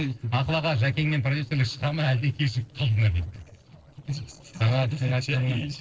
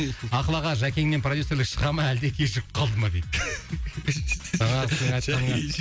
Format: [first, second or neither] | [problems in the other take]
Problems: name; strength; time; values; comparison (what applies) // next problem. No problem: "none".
second | noise reduction (neural separator model SepFormer DNS4)